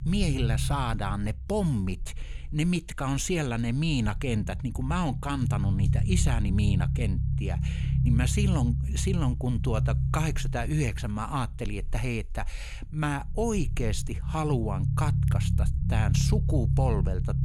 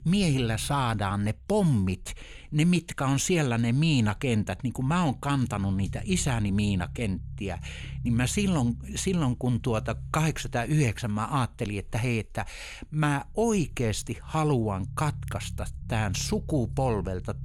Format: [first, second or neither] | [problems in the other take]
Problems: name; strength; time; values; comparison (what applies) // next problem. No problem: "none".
second | low rumble; loud; throughout; 8 dB below the speech; faint in the second